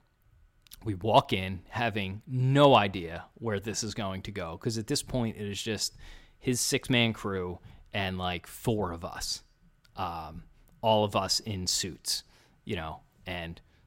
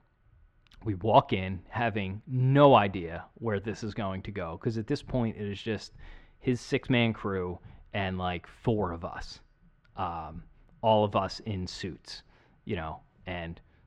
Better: first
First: none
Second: muffled; slightly; fading above 2.5 kHz

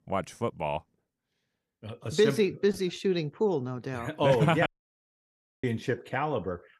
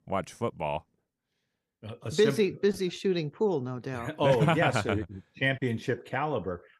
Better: second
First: audio cutting out; at 4.5 s for 1 s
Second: none

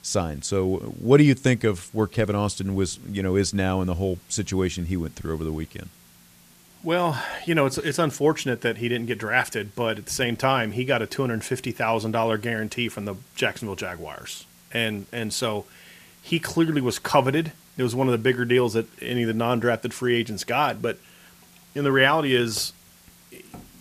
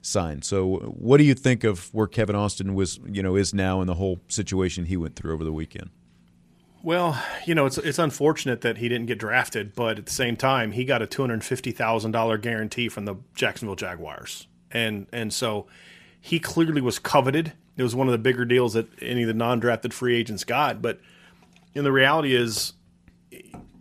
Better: second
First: hiss; faint; throughout; 30 dB below the speech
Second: none

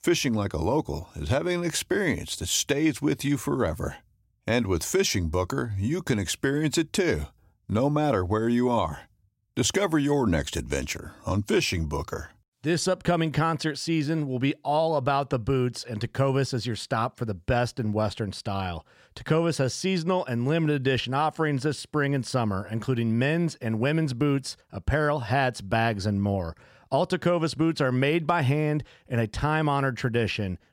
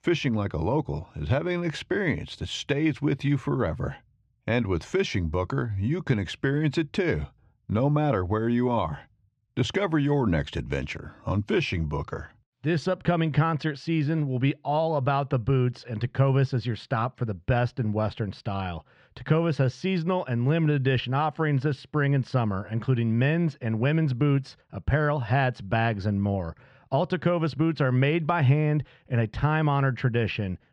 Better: first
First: none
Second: muffled; slightly; fading above 3 kHz

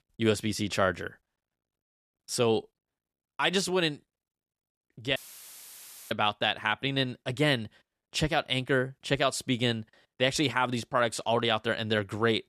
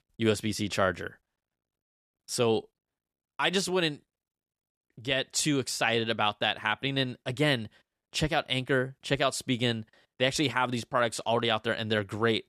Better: second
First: audio cutting out; filled with static; at 5 s for 1 s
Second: none

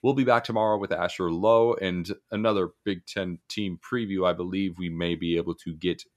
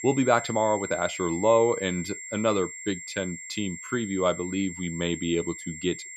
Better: first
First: none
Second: high-pitched whine; loud; throughout; 7.5 kHz, 10 dB below the speech

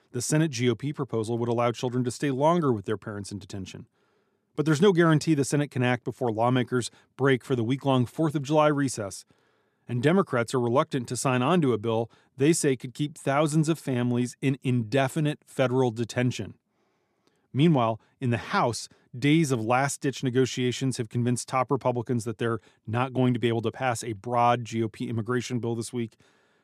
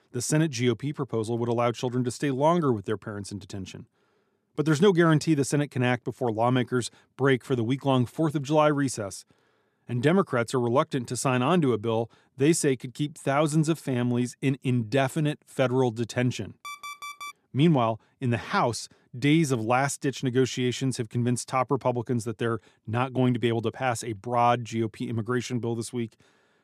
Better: first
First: none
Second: alarm; faint; at 17 s; peak 10 dB below the speech

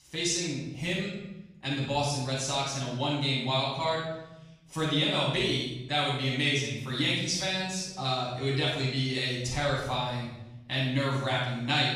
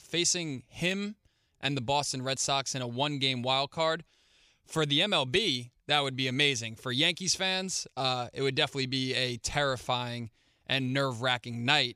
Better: second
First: off-mic speech; far // room echo; strong; dies away in 1 s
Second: none

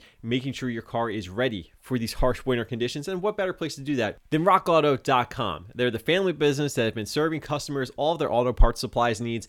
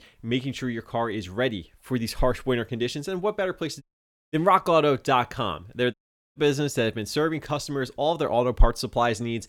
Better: first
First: none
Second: audio cutting out; at 4 s for 0.5 s and at 6 s

